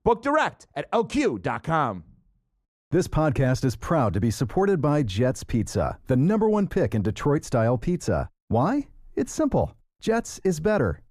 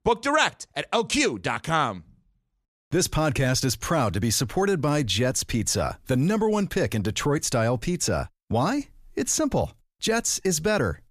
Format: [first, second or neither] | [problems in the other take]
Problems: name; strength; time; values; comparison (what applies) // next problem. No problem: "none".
second | muffled; slightly; fading above 2 kHz